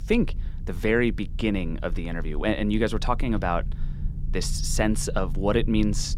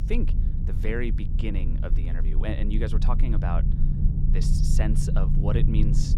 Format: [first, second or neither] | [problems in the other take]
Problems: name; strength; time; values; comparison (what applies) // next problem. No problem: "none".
first | low rumble; loud; throughout; 4 dB below the speech; faint in the first